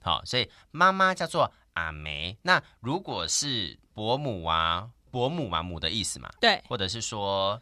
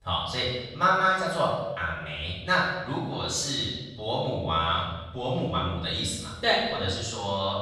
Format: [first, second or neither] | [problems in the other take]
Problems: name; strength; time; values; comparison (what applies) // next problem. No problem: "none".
first | off-mic speech; far // room echo; noticeable; dies away in 1.1 s